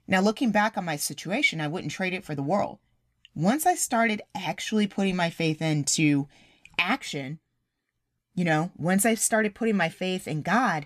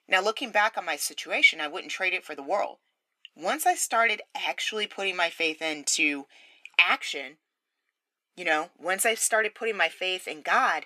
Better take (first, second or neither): first